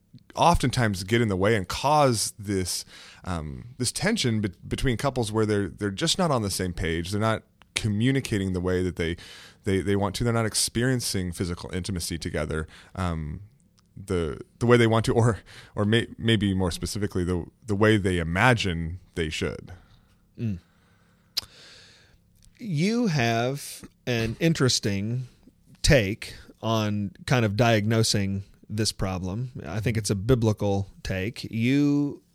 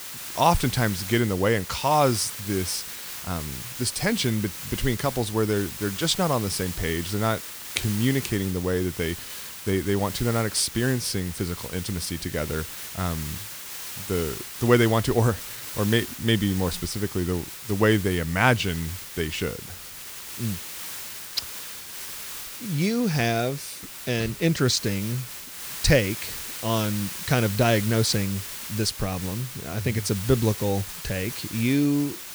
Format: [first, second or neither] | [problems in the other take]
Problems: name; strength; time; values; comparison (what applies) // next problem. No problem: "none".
first | hiss; loud; throughout; 9 dB below the speech